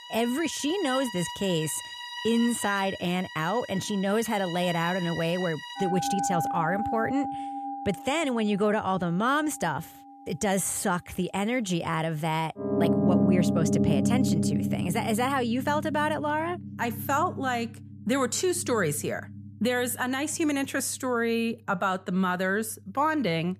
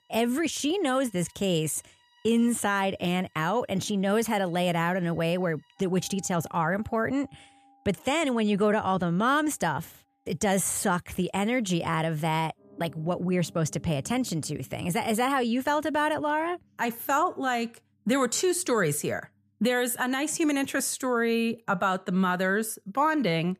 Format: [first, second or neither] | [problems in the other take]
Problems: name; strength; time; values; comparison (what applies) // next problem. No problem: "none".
second | background music; loud; throughout; 3 dB below the speech; faint in the second